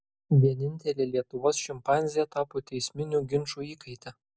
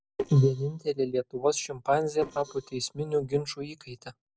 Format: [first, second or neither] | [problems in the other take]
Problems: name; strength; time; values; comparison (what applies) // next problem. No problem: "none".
first | noise reduction (neural separator model SepFormer DNS4)